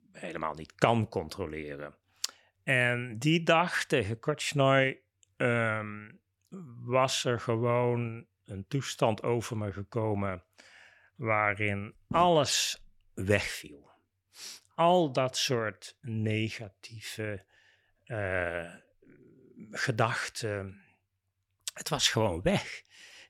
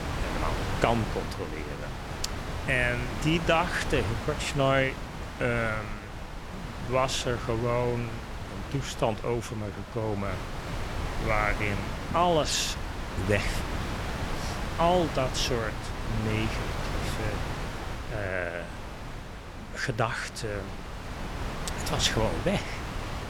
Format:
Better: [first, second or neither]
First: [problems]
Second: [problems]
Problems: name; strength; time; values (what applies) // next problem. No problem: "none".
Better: first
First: none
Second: wind noise on the microphone; heavy; 8 dB below the speech